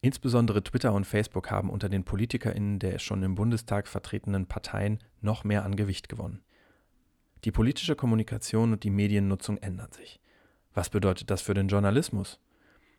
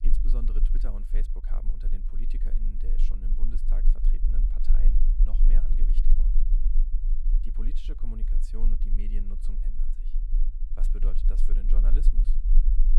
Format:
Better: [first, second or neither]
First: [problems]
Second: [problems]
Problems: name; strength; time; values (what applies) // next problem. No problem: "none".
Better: first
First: none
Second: low rumble; loud; throughout; 4 dB below the speech